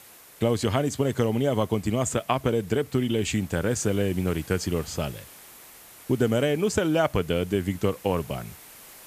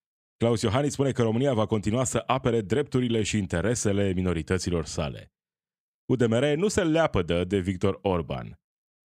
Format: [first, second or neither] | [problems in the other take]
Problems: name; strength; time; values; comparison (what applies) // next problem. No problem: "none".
second | hiss; faint; throughout; 20 dB below the speech